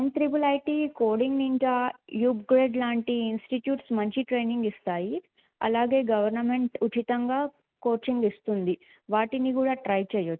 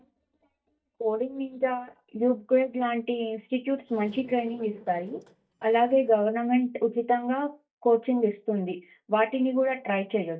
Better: first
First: none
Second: noise reduction (neural mask model DeepFilterNet 3)

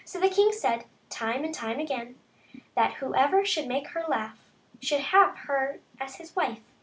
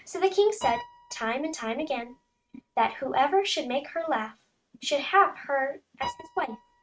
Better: first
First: none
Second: noise reduction (neural mask model RNNoise)

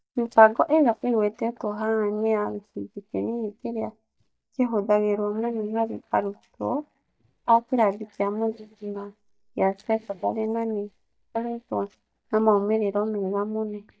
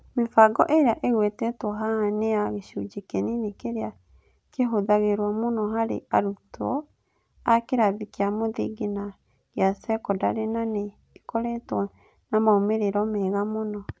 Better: second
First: noise reduction (neural mask model DeepFilterNet 3)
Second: none

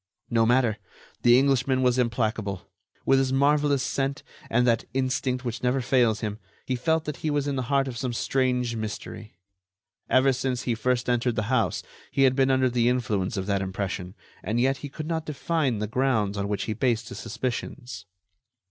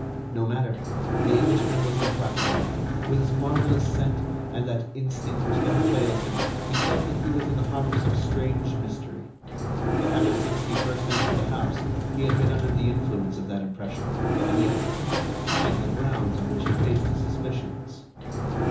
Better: first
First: none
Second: background sound (Sliding door); 3 dB above the speech // room echo; dies away in 1.2 s

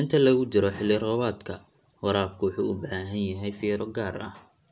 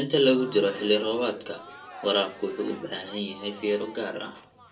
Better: first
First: none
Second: background sound (Crowd); 19 dB below the speech // room echo; dies away in 0.2 s

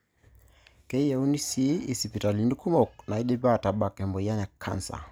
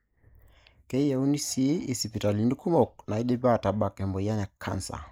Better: first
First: none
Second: noise reduction (neural mask model Resemble Enhance denoiser)

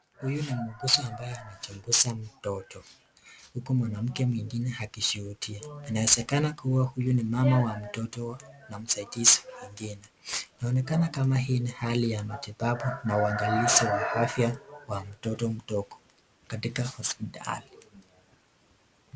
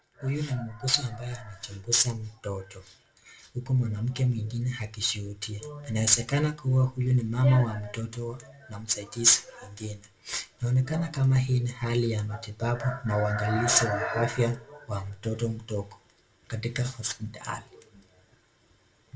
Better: first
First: none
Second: room echo; dies away in 0.2 s

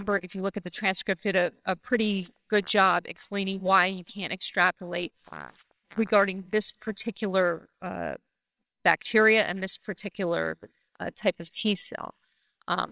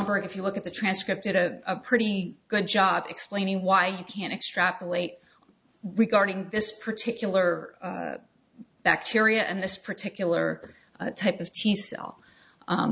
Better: second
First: noise reduction (neural separator model SepFormer WHAMR!)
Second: none

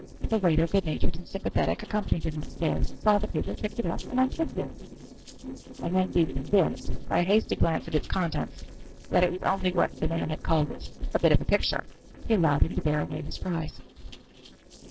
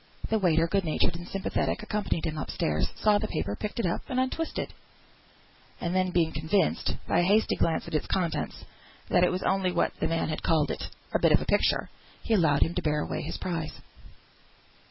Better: second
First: noise reduction (neural separator model SepFormer DNS4)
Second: none

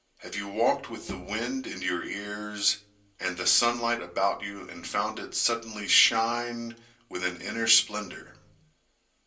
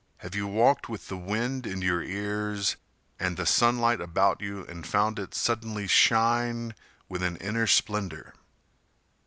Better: second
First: background sound (Bowed string instrument); 15 dB below the speech // room echo; dies away in 0.3 s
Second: none

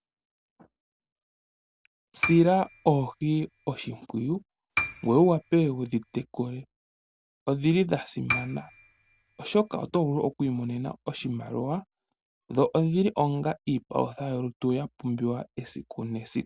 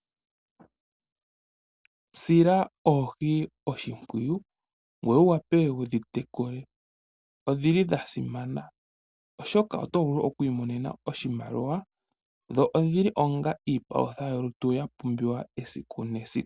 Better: second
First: background sound (Piano); 8 dB below the speech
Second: none

